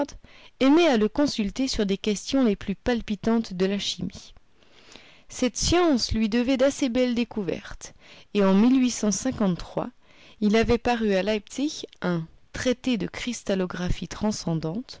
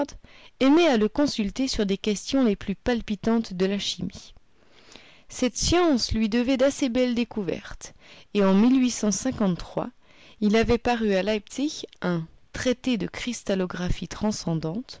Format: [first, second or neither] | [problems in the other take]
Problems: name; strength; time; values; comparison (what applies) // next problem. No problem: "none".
first | noise reduction (neural mask model Resemble Enhance denoiser)